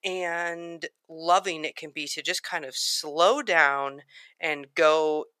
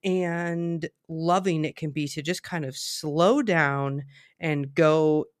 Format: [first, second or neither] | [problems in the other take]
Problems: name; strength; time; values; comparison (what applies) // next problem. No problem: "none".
second | thin; very; fading below 700 Hz